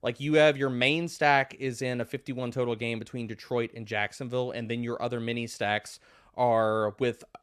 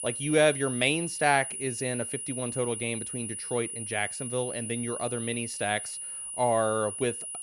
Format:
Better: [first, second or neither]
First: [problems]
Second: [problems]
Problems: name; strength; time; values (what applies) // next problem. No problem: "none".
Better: first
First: none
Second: high-pitched whine; loud; throughout; 10.5 kHz, 5 dB below the speech